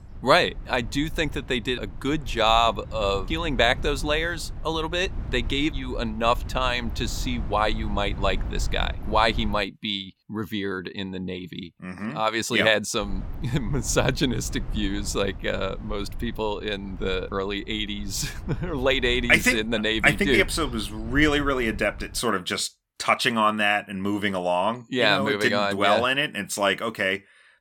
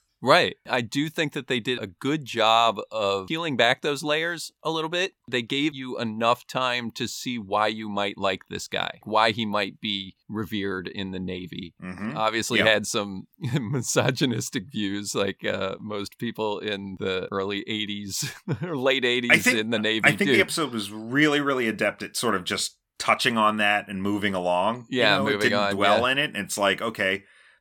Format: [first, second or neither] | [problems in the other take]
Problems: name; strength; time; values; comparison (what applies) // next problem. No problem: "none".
second | low rumble; faint; until 9.5 s and from 13 to 22 s; 25 dB below the speech